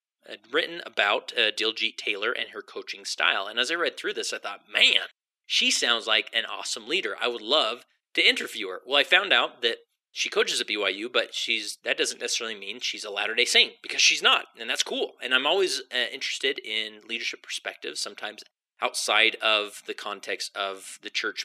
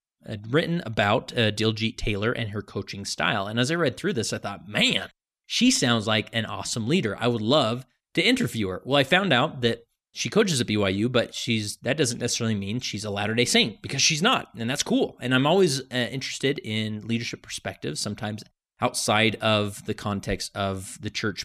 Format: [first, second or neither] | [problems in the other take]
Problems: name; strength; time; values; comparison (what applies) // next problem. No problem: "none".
second | thin; very; fading below 350 Hz